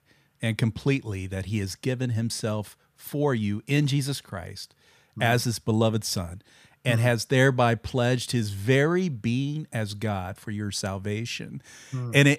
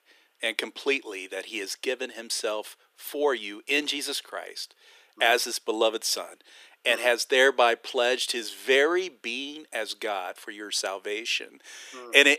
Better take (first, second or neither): first